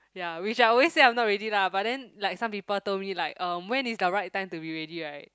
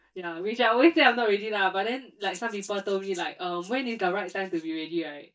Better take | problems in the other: first | noise reduction (neural mask model DeepFilterNet 3)

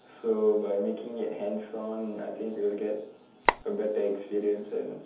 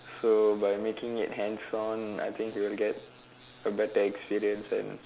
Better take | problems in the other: second | background sound (Telephone); 3 dB above the speech // room echo; dies away in 0.6 s

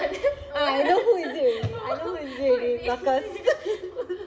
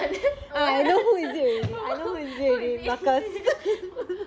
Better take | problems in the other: second | room echo; dies away in 1 s

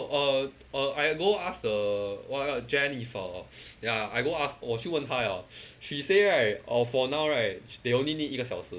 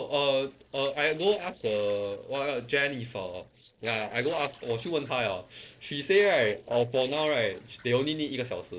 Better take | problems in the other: first | noise reduction (neural separator model SepFormer DNS4)

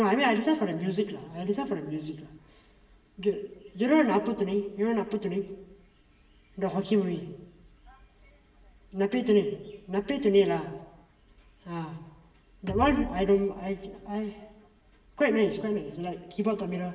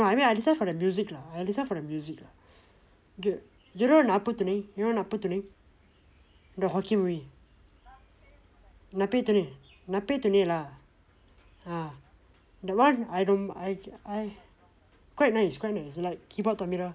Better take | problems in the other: second | background sound (Bass drum); 10 dB below the speech // room echo; dies away in 1.1 s

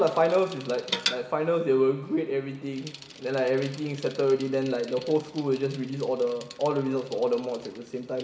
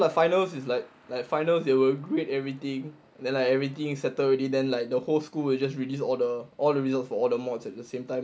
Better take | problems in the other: second | background sound (Bicycle); 14 dB below the speech // room echo; dies away in 1.7 s

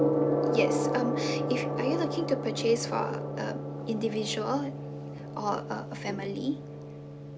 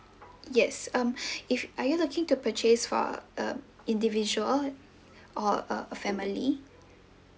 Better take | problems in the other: second | background sound (Gong); 1 dB above the speech

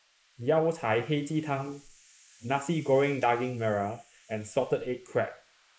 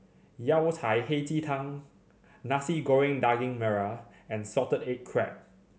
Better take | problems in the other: second | noise reduction (neural mask model Resemble Enhance denoiser)

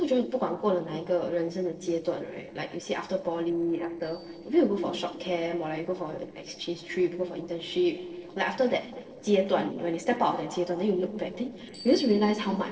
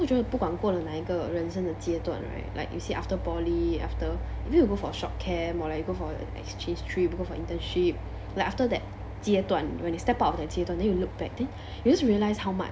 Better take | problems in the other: second | noise reduction (neural separator model SepFormer DNS4)

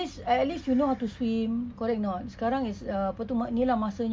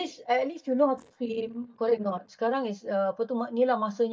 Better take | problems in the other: first | noise reduction (neural mask model DeepFilterNet 3)

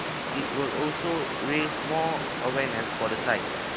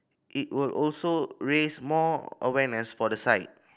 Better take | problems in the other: second | background sound (Stream / Liquid); 1 dB below the speech

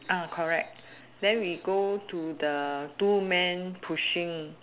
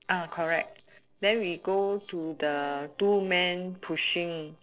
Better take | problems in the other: first | noise reduction (neural separator model SepFormer DNS4)

